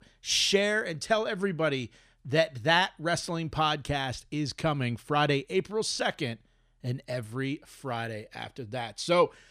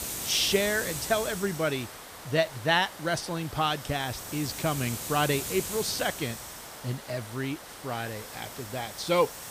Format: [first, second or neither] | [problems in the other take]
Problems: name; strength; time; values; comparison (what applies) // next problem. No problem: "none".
first | hiss; loud; throughout; 8 dB below the speech